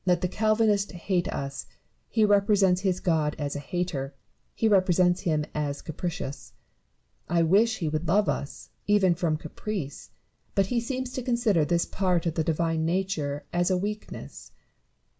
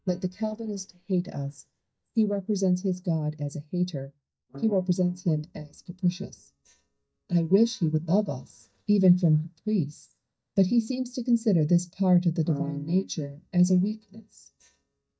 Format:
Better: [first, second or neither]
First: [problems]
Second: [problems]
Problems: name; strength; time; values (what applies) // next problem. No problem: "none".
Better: first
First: none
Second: noise reduction (neural mask model DeepFilterNet 3)